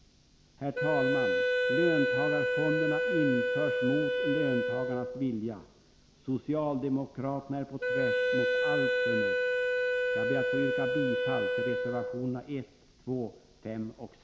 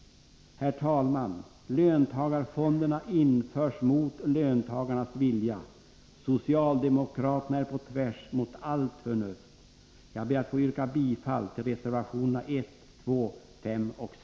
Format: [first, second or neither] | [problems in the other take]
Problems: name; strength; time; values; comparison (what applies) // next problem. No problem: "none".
second | background sound (Wind instrument, woodwind instrument); 3 dB above the speech